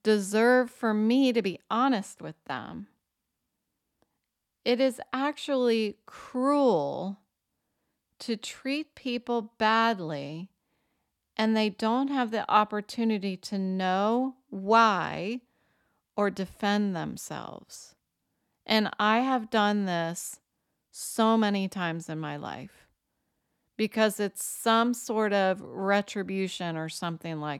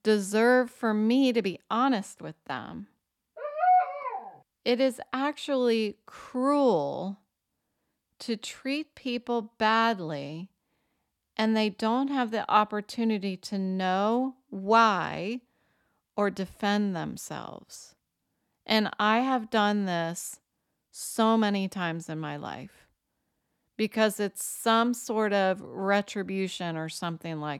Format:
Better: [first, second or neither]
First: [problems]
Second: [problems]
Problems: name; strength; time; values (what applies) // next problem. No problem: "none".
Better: first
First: none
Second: dog barking; loud; at 3.5 s; peak 4 dB above the speech